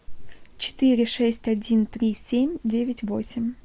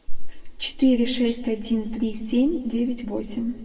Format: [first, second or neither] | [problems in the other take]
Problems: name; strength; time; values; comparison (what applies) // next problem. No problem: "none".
first | room echo; dies away in 1.2 s